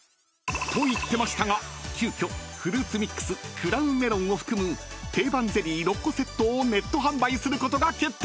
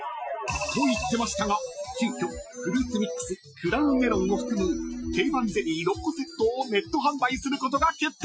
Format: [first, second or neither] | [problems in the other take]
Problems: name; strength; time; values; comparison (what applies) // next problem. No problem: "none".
first | noise reduction (classical method Wiener filter)